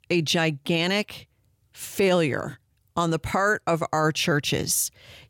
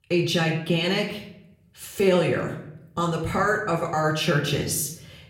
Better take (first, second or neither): first